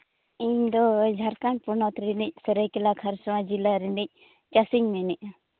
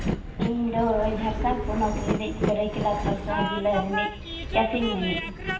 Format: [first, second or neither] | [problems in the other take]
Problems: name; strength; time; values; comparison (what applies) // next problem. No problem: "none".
first | background sound (Train); 2 dB below the speech // room echo; dies away in 0.9 s